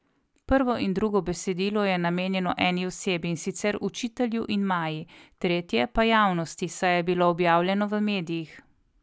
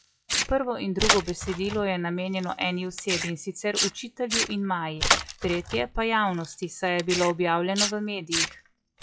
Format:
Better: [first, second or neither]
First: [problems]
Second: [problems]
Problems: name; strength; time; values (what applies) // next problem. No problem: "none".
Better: first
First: none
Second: noise reduction (classical method WPE with log-MMSE)